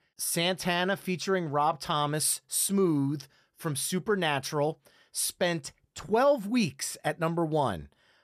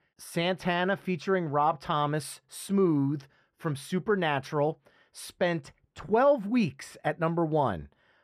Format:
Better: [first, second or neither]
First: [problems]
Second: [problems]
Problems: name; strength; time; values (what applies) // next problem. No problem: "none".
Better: first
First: none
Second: muffled; slightly; fading above 4 kHz